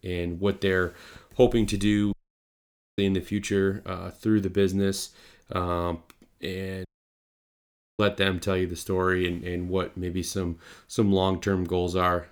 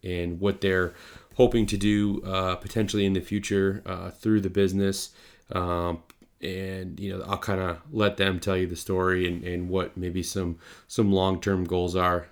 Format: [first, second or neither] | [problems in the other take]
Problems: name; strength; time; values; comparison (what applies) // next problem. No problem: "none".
second | audio cutting out; at 2 s for 1 s and at 7 s for 1 s